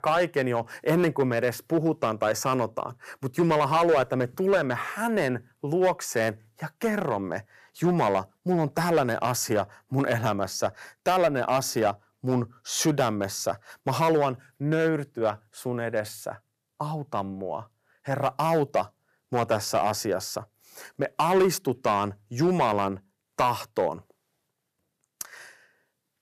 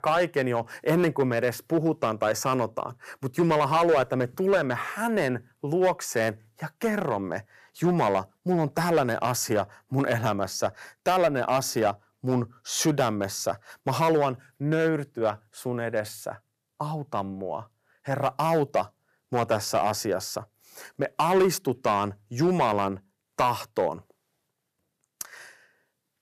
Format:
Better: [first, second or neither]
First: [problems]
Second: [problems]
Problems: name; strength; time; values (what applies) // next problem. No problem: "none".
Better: neither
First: distortion; slight; 4% of the sound clipped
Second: distortion; slight; 4% of the sound clipped